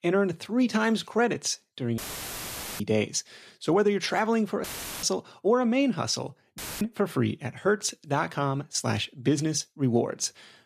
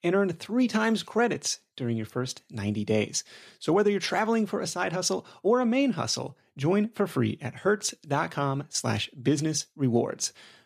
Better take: second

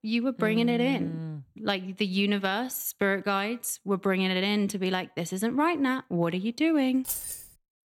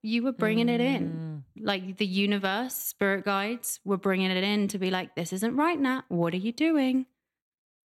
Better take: second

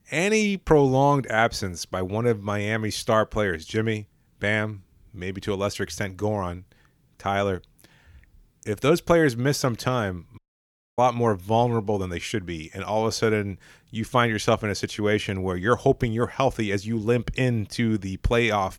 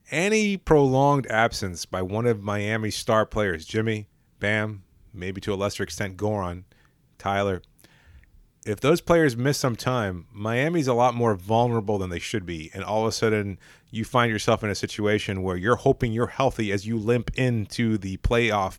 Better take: second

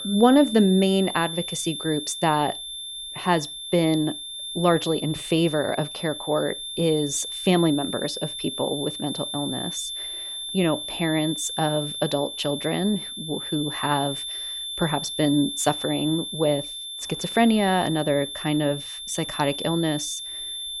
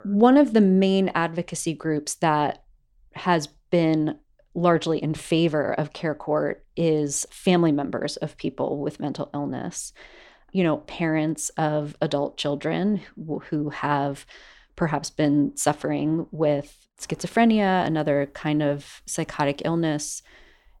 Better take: second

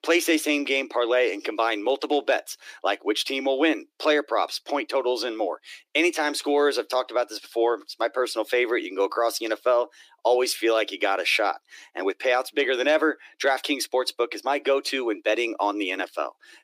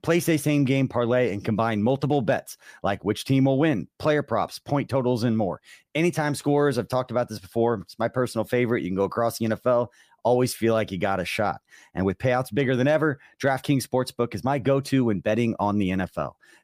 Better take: second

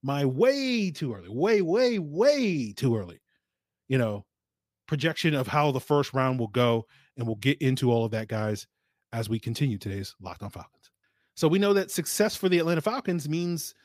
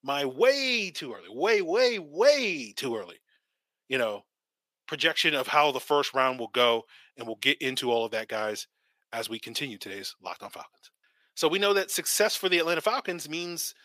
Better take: first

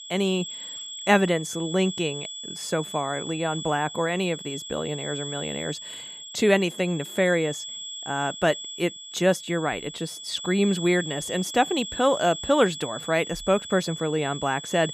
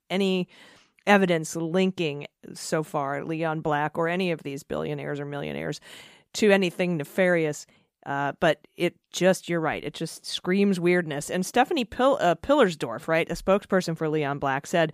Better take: second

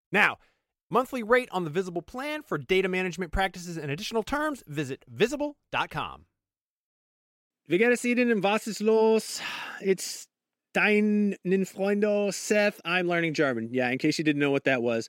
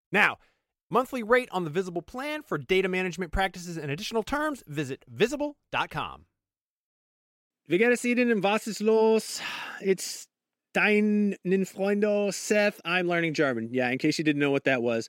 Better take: neither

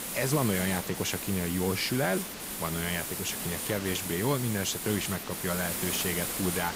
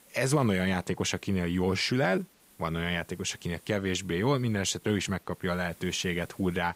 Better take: second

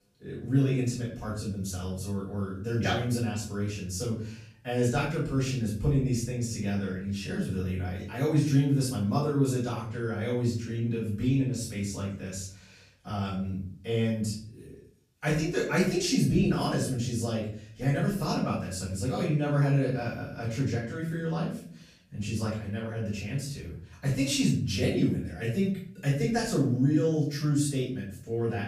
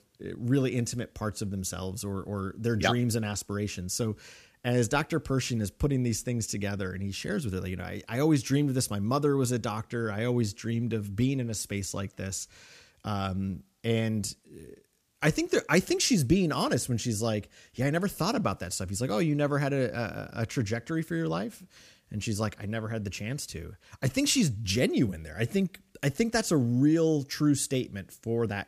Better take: second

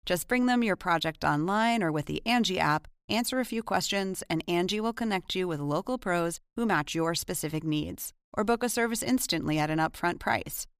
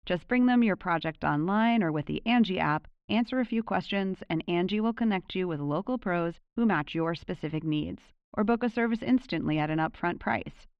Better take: first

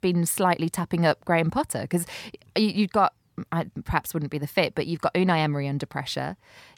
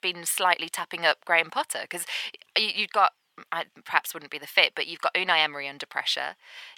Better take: first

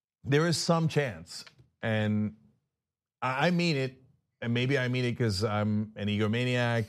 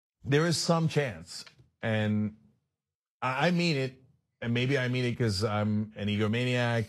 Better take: first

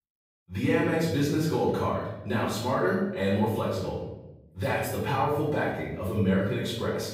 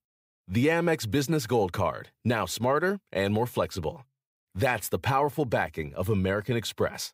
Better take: second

